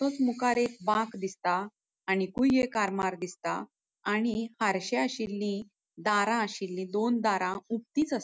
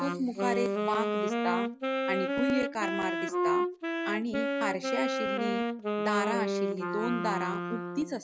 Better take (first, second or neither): first